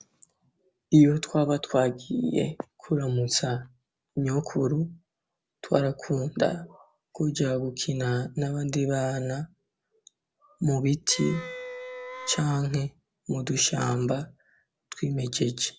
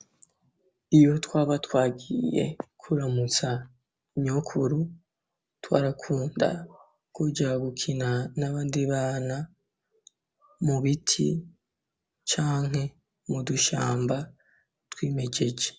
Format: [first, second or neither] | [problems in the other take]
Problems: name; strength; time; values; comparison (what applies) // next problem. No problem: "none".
second | background sound (Wind instrument, woodwind instrument); 12 dB below the speech